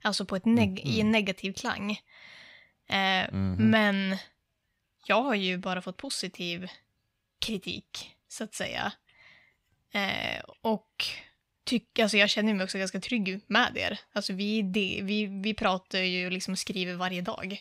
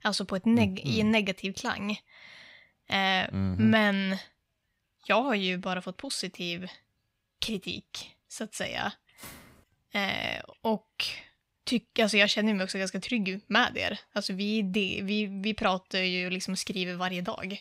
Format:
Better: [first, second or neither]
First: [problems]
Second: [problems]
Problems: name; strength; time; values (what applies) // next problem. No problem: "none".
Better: first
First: none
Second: footsteps; faint; at 9 s; peak 20 dB below the speech